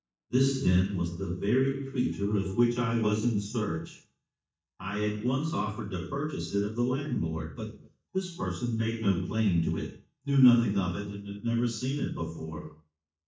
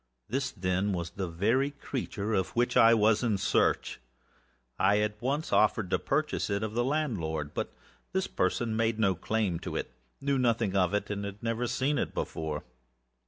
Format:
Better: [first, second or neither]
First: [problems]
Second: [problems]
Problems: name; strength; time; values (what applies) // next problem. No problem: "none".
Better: second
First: noise reduction (neural mask model DeepFilterNet 3)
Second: none